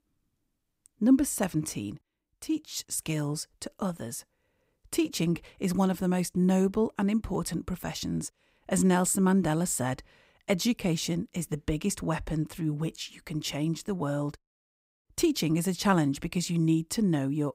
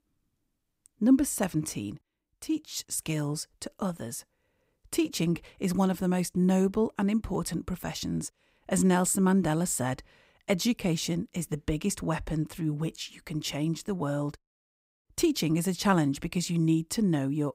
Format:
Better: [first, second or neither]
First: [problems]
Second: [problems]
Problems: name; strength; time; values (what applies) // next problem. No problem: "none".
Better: neither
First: none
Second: none